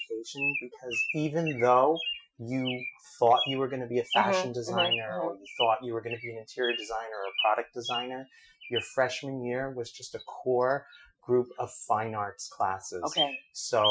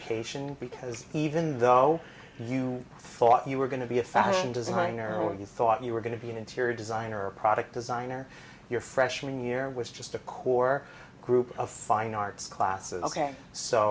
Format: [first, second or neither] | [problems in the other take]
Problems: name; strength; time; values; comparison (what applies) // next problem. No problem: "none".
second | noise reduction (classical method Wiener filter)